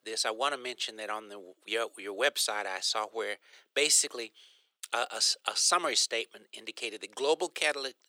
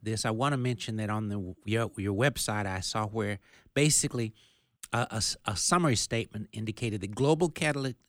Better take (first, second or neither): second